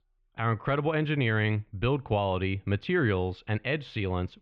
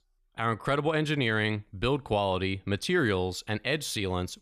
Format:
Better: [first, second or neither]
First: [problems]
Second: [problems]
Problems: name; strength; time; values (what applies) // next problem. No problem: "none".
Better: second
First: muffled; very; fading above 3 kHz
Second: none